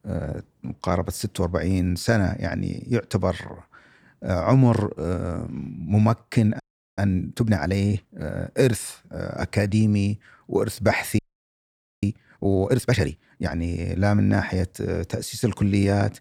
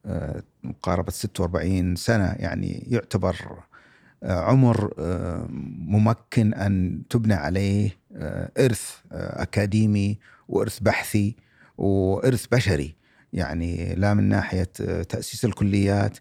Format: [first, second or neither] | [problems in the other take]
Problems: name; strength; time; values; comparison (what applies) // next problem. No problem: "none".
second | audio freezing; at 6.5 s and at 11 s for 1 s